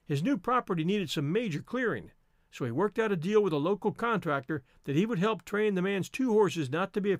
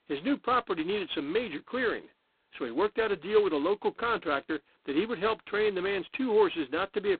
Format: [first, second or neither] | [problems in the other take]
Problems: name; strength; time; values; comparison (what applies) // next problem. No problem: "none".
first | phone-call audio; poor line; nothing above 4 kHz